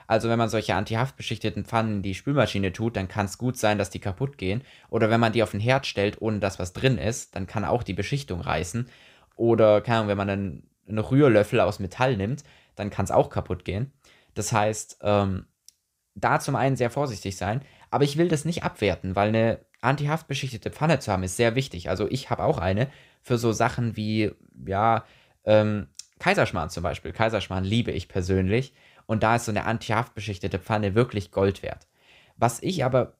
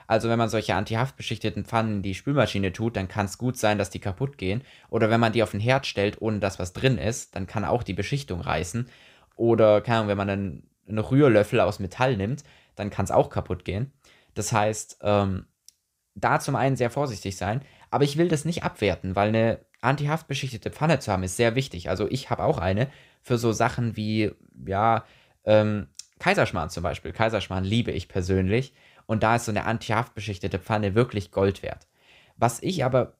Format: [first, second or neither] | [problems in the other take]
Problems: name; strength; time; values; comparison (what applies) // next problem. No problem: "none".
neither | none